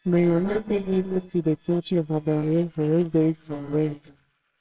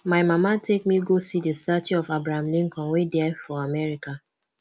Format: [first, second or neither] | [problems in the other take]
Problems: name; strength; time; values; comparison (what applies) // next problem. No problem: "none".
second | noise reduction (neural separator model SepFormer WHAMR!)